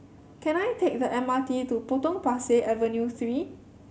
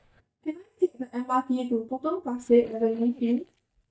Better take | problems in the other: first | noise reduction (neural mask model DeepFilterNet 3)

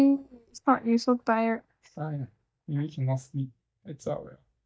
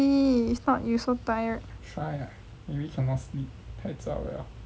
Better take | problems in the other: second | noise reduction (neural mask model DeepFilterNet 3)

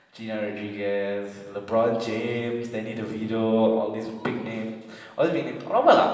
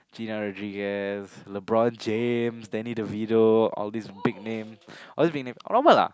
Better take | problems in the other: second | room echo; dies away in 1.3 s

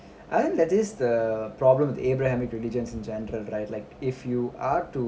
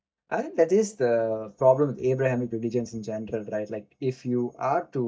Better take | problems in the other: first | noise reduction (neural mask model DeepFilterNet 3)

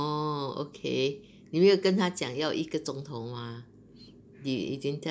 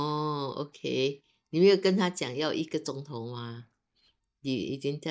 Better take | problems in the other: first | noise reduction (neural mask model DeepFilterNet 3)

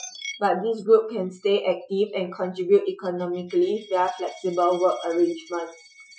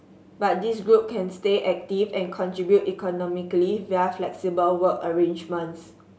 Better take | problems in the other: second | noise reduction (classical method Wiener filter)

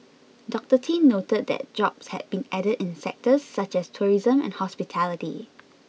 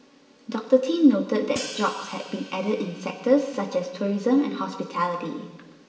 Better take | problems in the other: first | background sound (Hi-hat); 16 dB below the speech // room echo; dies away in 1.3 s

